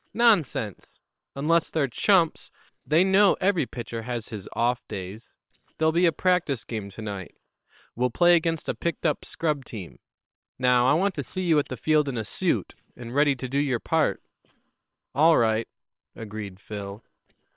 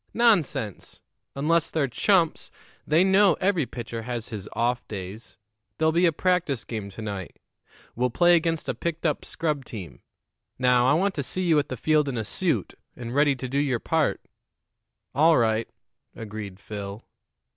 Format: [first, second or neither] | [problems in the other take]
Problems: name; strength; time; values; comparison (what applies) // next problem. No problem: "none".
second | noise reduction (neural separator model SepFormer WHAM!)